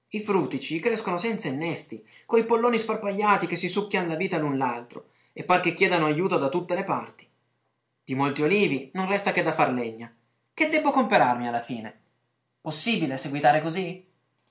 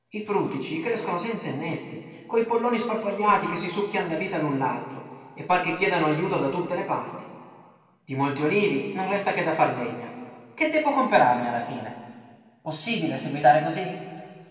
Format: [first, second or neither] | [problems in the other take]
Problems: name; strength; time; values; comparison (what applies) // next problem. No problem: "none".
first | room echo; dies away in 2.4 s